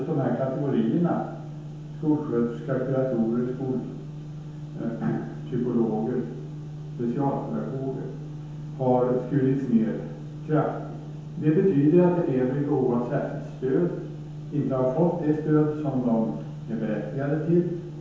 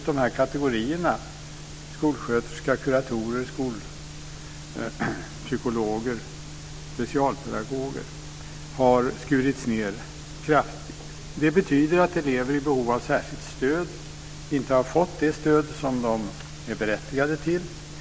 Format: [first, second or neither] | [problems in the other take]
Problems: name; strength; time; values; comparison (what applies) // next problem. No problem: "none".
second | room echo; dies away in 0.9 s